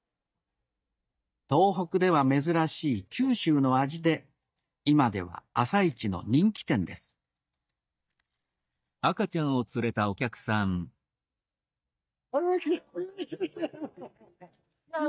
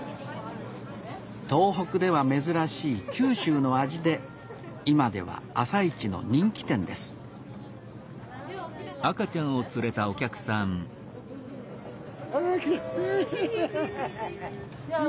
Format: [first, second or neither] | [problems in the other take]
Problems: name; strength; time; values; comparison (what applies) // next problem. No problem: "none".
second | noise reduction (neural mask model DeepFilterNet 3)